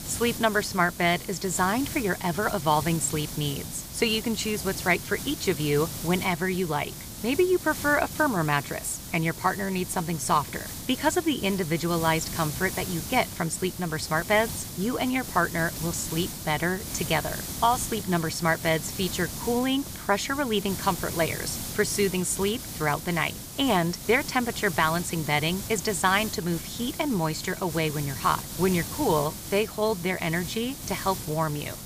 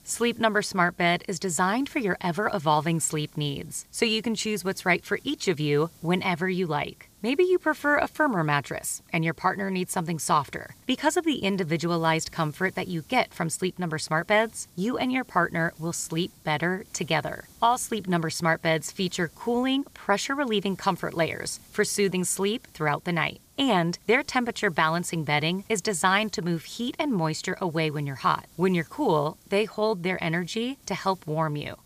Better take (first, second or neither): second